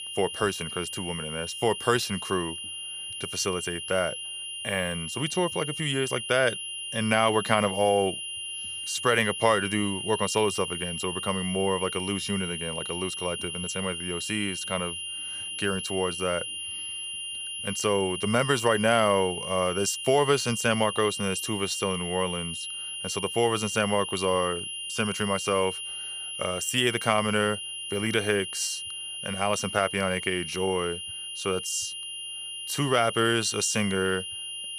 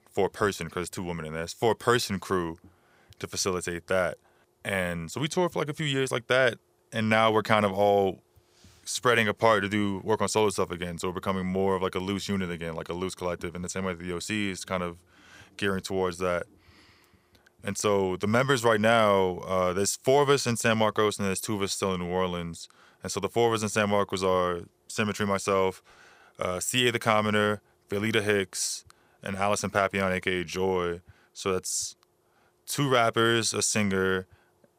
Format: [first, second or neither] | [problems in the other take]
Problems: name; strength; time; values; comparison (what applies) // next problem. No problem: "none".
second | high-pitched whine; loud; throughout; 3 kHz, 6 dB below the speech